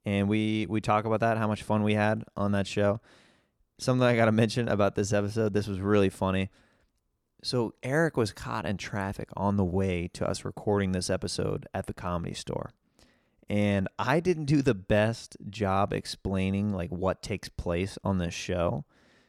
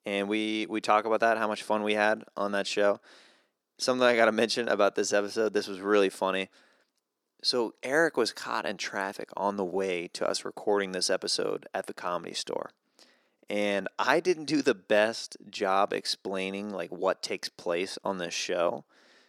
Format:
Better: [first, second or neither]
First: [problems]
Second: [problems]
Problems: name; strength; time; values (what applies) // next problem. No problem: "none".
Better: first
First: none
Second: thin; somewhat; fading below 300 Hz